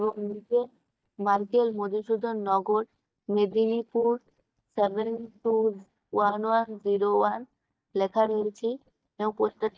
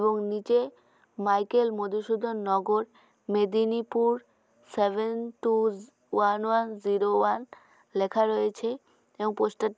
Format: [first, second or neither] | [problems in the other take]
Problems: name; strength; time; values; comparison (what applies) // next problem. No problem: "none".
second | noise reduction (neural mask model DeepFilterNet 3)